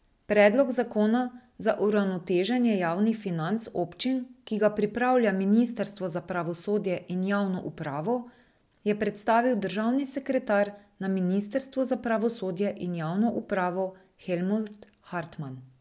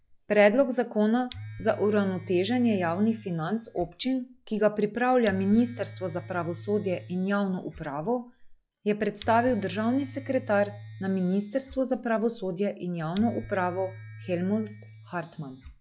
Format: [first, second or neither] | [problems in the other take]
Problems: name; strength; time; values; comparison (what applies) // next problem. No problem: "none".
first | noise reduction (classical method log-MMSE)